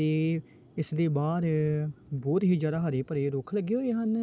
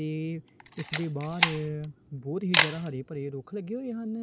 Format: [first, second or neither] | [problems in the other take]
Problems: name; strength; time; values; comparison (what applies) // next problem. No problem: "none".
first | background sound (Camera); 1 dB above the speech